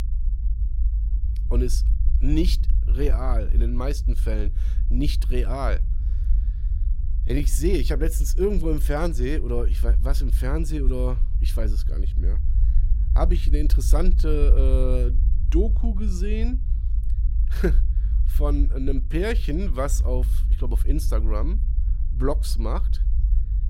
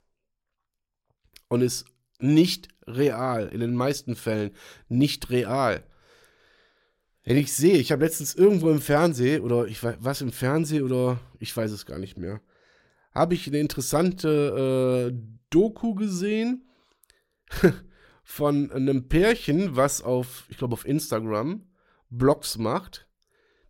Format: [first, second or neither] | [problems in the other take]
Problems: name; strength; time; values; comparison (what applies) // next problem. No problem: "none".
second | low rumble; noticeable; throughout; 15 dB below the speech